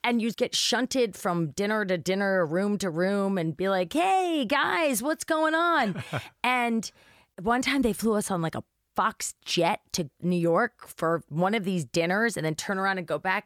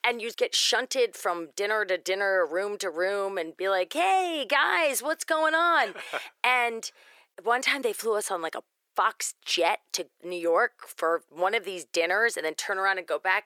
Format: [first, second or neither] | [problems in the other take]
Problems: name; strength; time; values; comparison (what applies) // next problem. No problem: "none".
first | thin; very; fading below 400 Hz